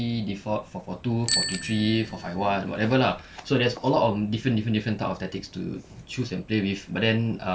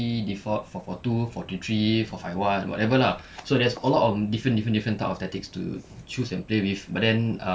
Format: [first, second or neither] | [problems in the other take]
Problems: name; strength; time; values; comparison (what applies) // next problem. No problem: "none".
second | background sound (Bicycle bell); 12 dB below the speech